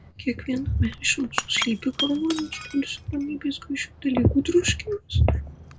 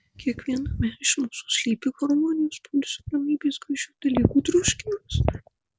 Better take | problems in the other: second | background sound (Shatter / Crushing); 12 dB below the speech // room echo; dies away in 0.2 s

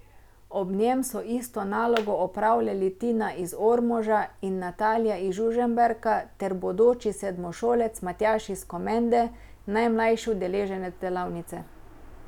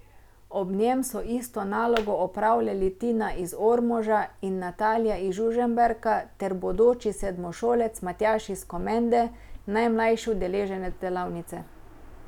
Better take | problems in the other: first | background sound (Walk, footsteps); 17 dB below the speech

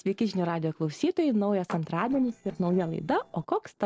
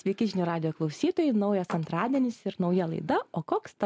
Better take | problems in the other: second | noise reduction (neural separator model SepFormer DNS4)

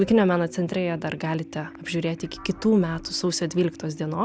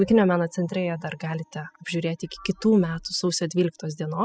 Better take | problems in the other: first | noise reduction (classical method spectral subtraction)

